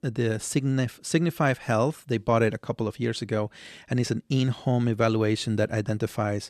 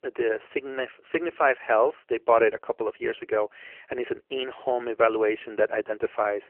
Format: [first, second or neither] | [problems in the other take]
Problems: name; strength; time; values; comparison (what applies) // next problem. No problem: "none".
first | phone-call audio; poor line; nothing above 3 kHz